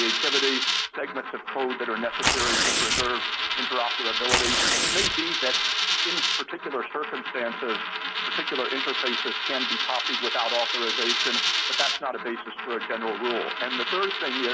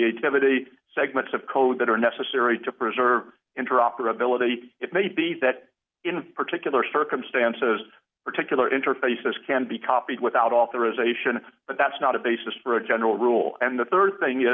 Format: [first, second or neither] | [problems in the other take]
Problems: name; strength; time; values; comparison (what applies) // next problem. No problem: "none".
second | background sound (Coin (dropping) + Tearing); 4 dB above the speech